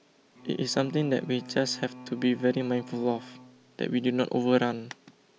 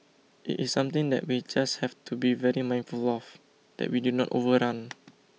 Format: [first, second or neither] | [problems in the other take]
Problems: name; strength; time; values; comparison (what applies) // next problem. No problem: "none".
second | background sound (Bowed string instrument); 17 dB below the speech